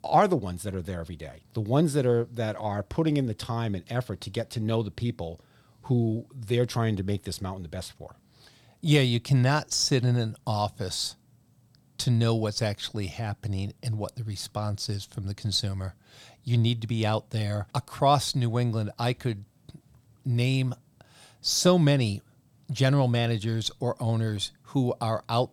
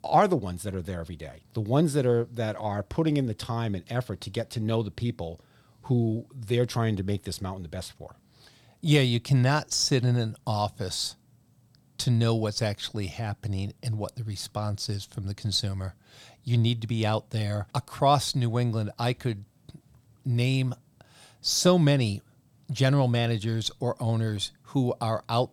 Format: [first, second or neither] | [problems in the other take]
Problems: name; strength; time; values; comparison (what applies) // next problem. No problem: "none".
neither | none